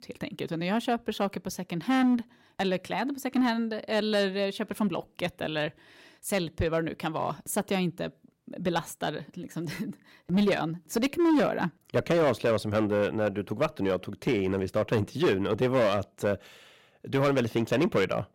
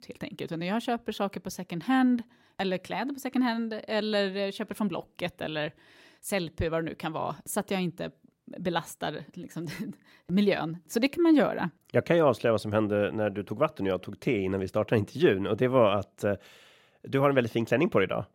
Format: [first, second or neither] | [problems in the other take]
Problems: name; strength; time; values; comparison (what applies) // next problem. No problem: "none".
second | distortion; slight; 5% of the sound clipped